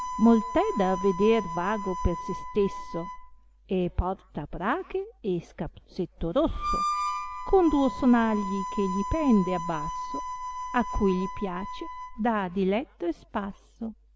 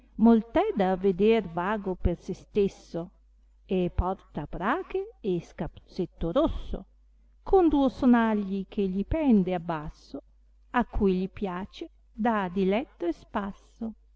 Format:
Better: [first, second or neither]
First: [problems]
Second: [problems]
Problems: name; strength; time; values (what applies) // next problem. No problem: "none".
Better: second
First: background sound (Harmonica); 8 dB below the speech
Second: none